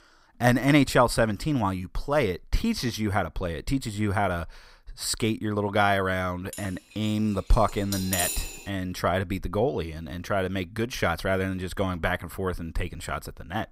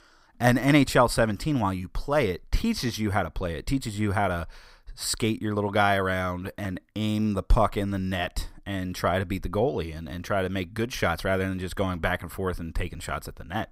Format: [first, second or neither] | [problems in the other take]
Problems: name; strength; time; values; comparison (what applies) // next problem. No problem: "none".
second | clattering dishes; loud; from 6.5 to 8.5 s; peak level with the speech